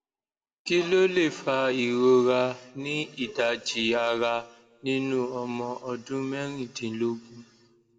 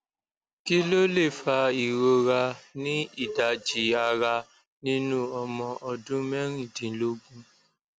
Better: second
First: room echo; dies away in 0.7 s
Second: none

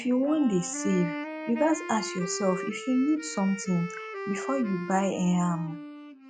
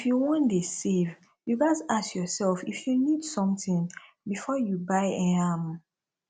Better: second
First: noise reduction (classical method log-MMSE)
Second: none

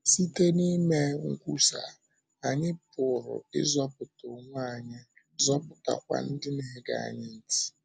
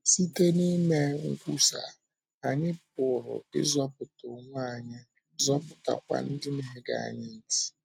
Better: first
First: none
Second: noise reduction (neural mask model RNNoise)

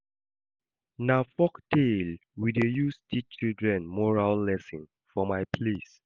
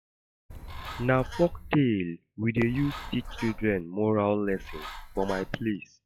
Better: first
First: none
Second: noise reduction (classical method log-MMSE)

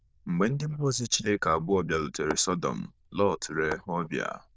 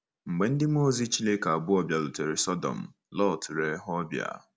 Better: second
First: noise reduction (neural diffusion model UNIVERSE++)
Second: none

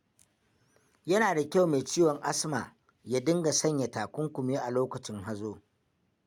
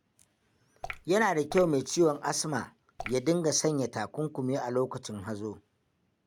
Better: first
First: none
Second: background sound (Drip / Water); 10 dB below the speech

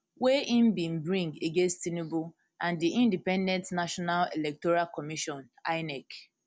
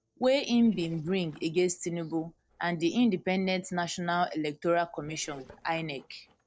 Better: first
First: none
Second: noise reduction (neural separator model SepFormer DNS4)

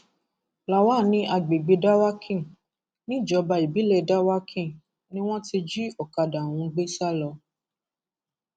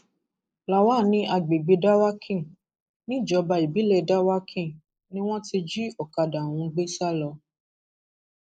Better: first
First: none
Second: noise reduction (neural mask model Resemble Enhance denoiser)

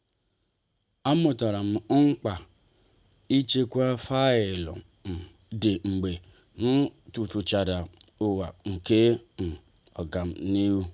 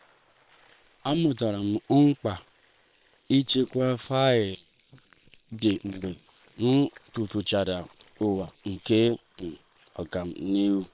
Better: first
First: none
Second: noise reduction (neural separator model SepFormer WHAM!)

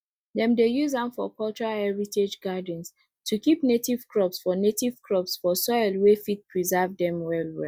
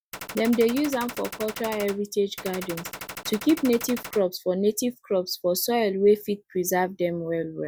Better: first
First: none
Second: background sound (Gunshot, gunfire); 12 dB below the speech

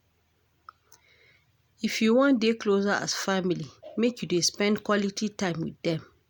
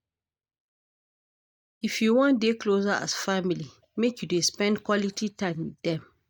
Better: first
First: none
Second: noise reduction (neural mask model DeepFilterNet 3)

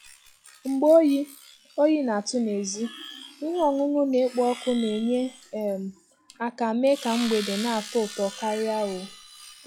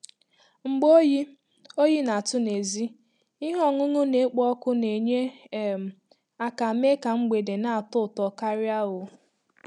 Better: second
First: noise reduction (classical method log-MMSE)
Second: none

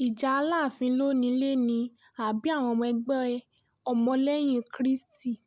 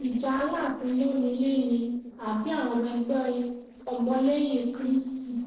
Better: first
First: none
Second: noise reduction (neural separator model SepFormer DNS4)

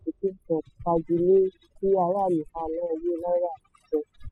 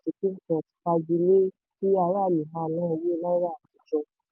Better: second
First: noise reduction (classical method spectral subtraction)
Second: none

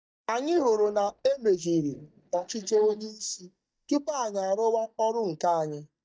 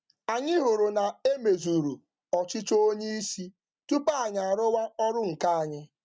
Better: second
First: noise reduction (neural mask model DeepFilterNet 3)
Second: none

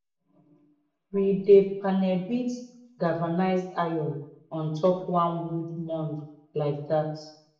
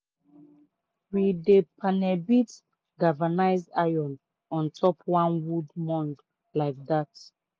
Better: second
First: room echo; dies away in 0.7 s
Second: none

